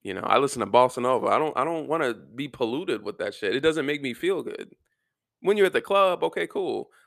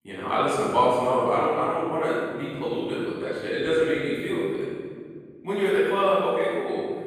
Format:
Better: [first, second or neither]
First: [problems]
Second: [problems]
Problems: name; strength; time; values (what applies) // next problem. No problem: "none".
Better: first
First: none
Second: off-mic speech; far // room echo; strong; dies away in 2.4 s